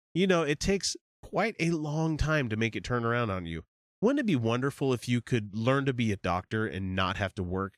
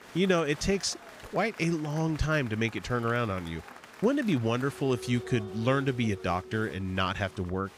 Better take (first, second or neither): first